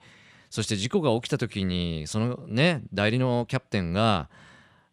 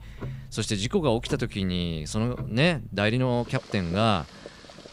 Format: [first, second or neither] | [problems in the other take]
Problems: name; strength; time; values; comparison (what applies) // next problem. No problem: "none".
first | household noises; noticeable; throughout; 15 dB below the speech